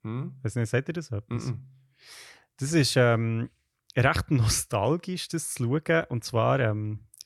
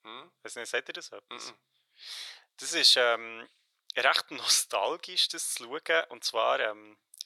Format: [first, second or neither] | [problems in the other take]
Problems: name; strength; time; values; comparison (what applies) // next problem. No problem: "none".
first | thin; very; fading below 550 Hz